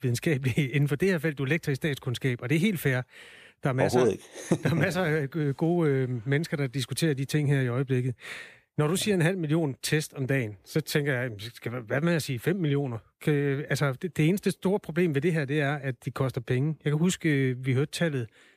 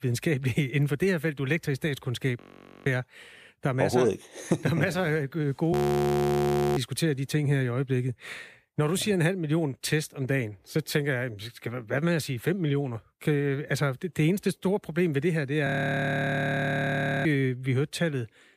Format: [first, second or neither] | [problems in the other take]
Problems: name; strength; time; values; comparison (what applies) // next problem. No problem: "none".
first | audio freezing; at 2.5 s, at 5.5 s for 1 s and at 16 s for 1.5 s